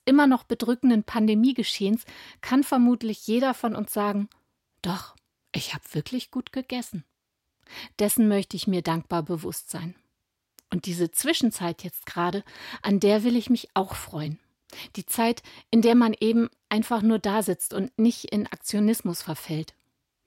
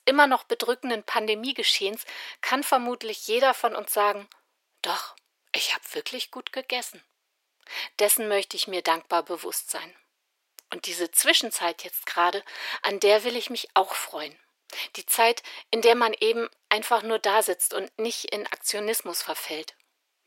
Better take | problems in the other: first | thin; very; fading below 450 Hz

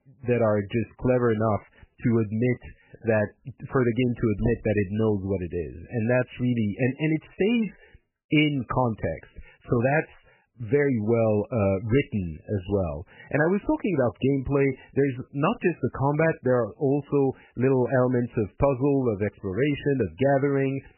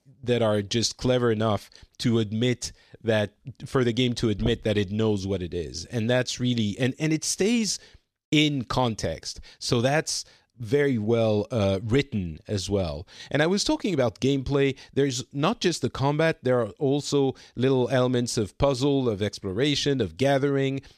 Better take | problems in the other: second | garbled, watery; badly; nothing above 3 kHz

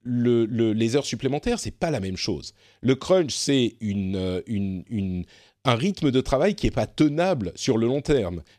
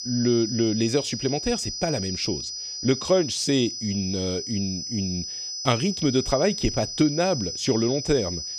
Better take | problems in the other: first | high-pitched whine; loud; throughout; 5 kHz, 5 dB below the speech

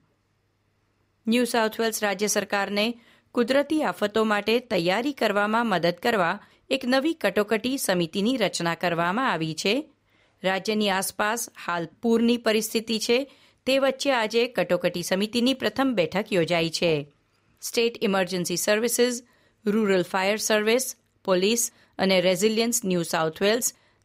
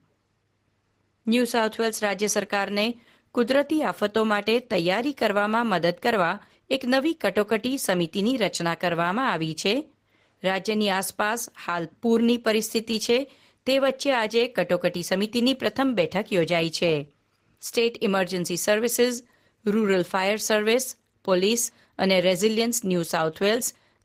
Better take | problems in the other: first | garbled, watery; slightly; nothing above 15.5 kHz

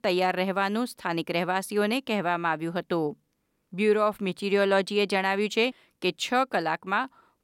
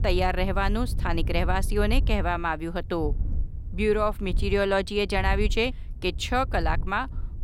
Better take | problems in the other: first | wind noise on the microphone; occasional gusts; 20 dB below the speech

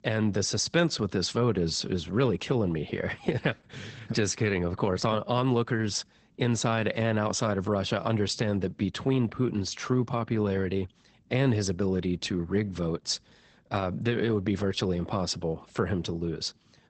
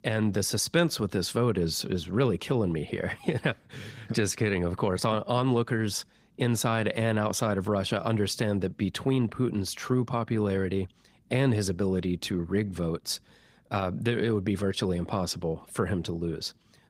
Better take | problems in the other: second | garbled, watery; badly; nothing above 8 kHz; slightly in the second

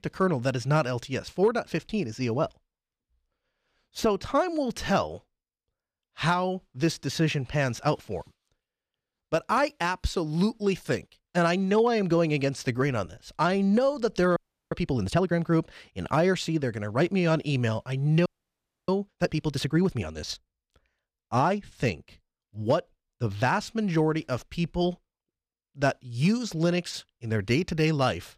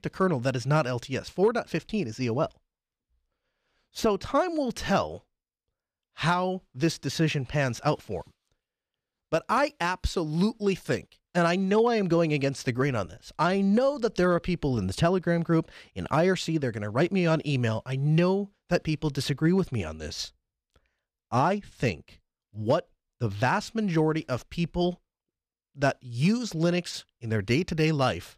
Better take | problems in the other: second | audio freezing; at 14 s and at 18 s for 0.5 s

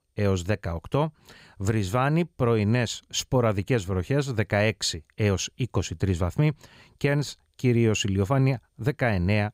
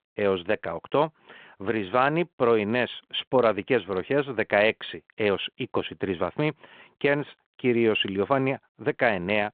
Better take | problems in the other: first | phone-call audio

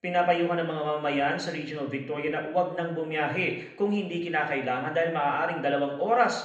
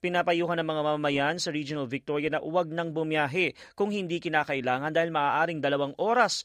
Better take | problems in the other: second | room echo; noticeable; dies away in 0.7 s // off-mic speech; far

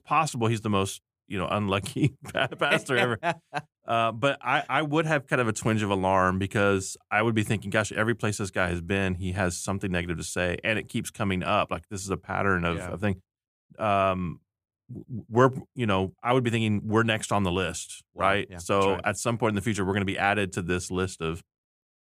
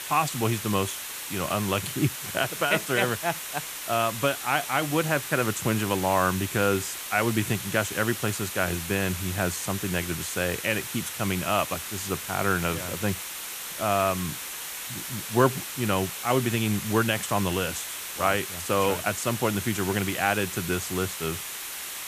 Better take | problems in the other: first | hiss; loud; throughout; 6 dB below the speech

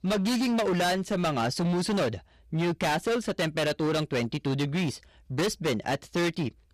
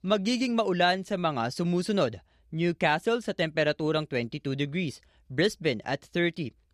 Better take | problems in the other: second | distortion; heavy; 24% of the sound clipped

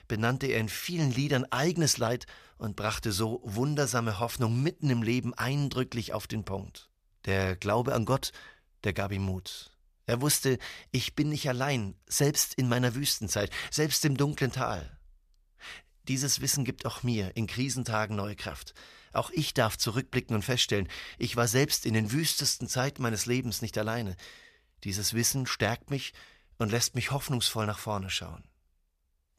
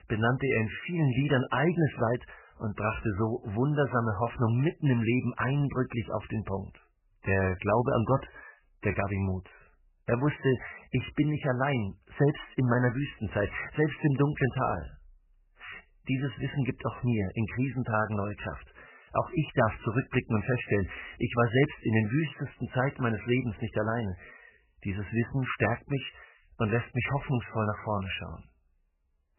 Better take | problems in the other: first | garbled, watery; badly; nothing above 3 kHz

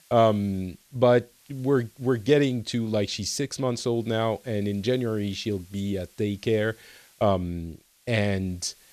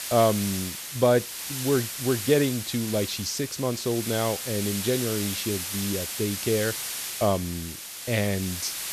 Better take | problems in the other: first | hiss; loud; throughout; 4 dB below the speech; faint in the first

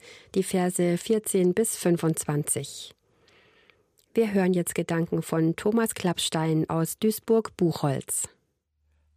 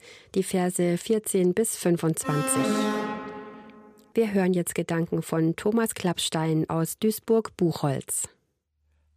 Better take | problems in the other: first | alarm; loud; from 2 to 3.5 s; peak 1 dB above the speech

